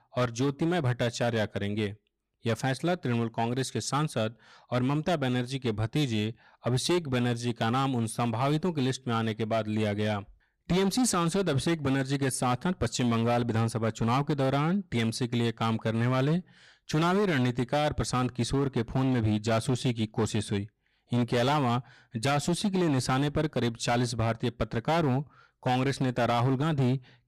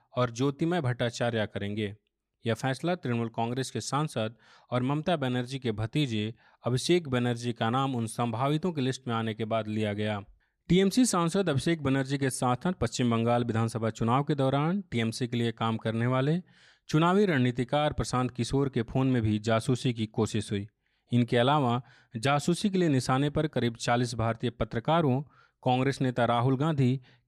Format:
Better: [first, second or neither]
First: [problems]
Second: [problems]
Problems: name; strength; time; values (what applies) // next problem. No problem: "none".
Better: second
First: distortion; slight; 13% of the sound clipped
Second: none